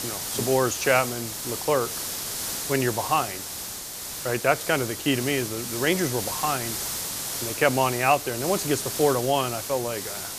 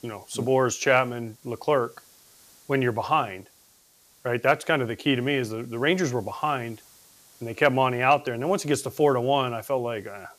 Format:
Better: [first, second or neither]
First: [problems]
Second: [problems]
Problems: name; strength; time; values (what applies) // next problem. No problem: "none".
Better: second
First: hiss; loud; throughout; 5 dB below the speech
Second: hiss; faint; throughout; 30 dB below the speech